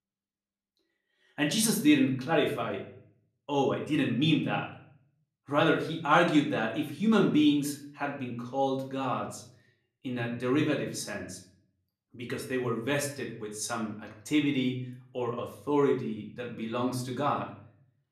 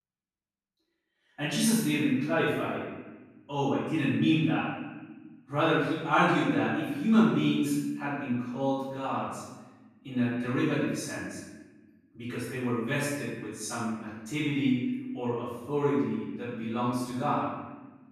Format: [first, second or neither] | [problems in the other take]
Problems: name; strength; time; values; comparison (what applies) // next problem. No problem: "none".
first | room echo; strong; dies away in 1.1 s; slight in the first // off-mic speech; far; far in the first